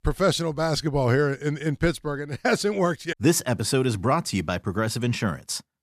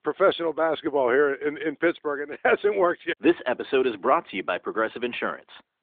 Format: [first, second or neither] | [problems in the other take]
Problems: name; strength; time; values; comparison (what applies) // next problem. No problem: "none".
first | phone-call audio; nothing above 3.5 kHz